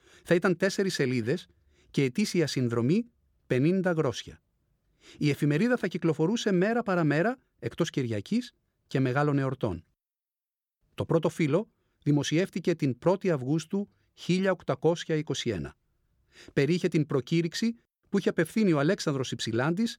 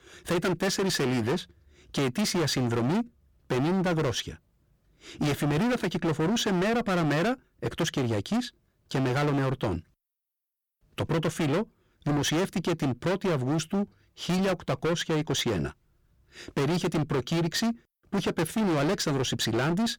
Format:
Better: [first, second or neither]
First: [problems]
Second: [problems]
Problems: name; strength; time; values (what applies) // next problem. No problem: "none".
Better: first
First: none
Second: distortion; heavy; 26% of the sound clipped